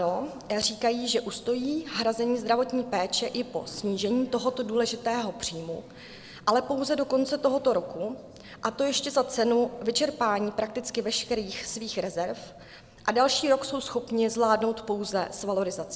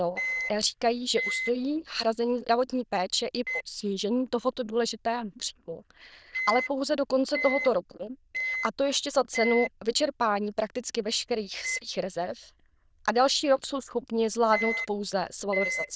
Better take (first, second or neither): first